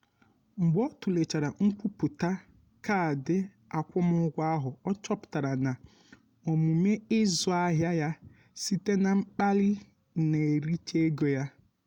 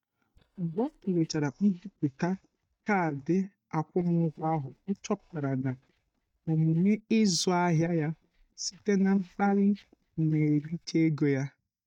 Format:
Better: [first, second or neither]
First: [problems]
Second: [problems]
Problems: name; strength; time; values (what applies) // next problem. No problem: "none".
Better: first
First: none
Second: noise reduction (neural mask model DeepFilterNet 3)